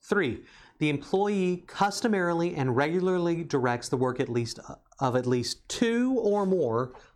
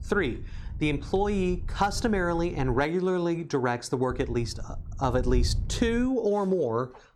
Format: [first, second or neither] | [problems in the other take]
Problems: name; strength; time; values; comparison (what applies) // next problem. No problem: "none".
first | wind noise on the microphone; occasional gusts; until 3 s and from 4 to 6 s; 25 dB below the speech